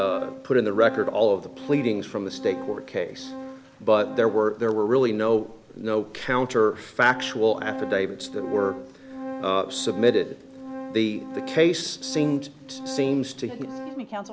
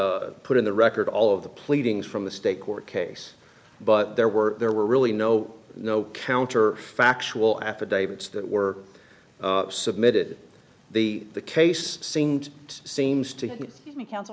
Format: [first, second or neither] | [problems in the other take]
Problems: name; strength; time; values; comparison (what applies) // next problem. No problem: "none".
second | background sound (Organ); 13 dB below the speech